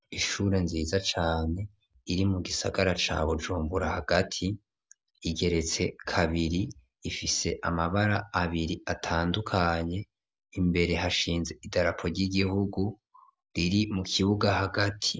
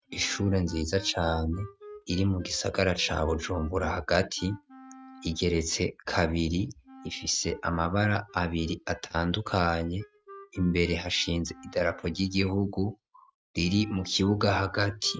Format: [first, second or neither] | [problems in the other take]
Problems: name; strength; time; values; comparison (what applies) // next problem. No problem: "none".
first | noise reduction (neural mask model RNNoise)